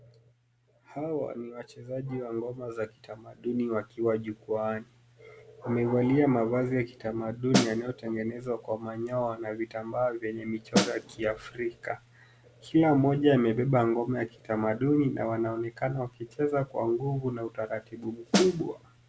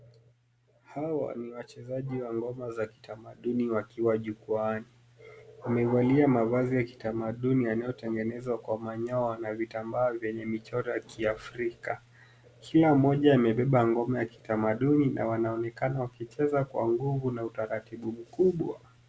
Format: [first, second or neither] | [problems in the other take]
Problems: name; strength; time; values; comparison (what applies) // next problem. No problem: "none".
second | background sound (Snare drum); 1 dB above the speech